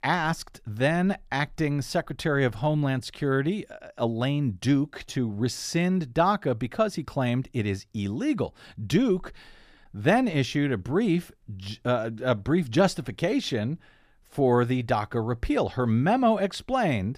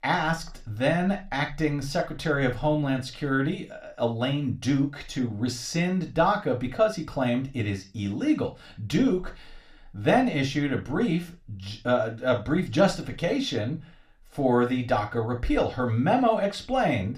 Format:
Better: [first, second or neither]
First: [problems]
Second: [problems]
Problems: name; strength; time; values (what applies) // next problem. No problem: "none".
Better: first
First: none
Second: room echo; very slight; dies away in 0.3 s // off-mic speech; somewhat distant